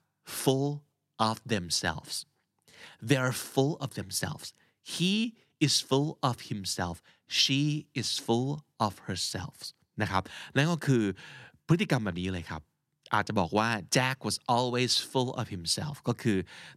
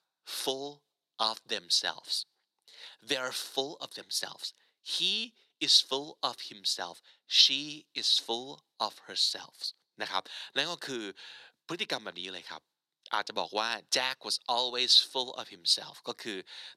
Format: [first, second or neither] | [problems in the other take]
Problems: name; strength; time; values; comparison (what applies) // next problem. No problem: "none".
first | thin; somewhat; fading below 500 Hz